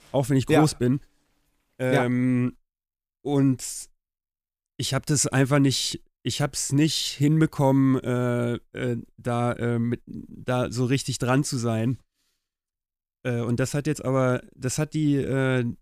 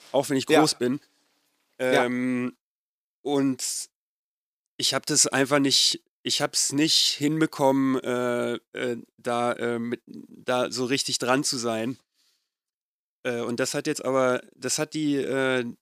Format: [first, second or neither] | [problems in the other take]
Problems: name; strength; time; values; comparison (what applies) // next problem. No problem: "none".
first | thin; very slightly; fading below 300 Hz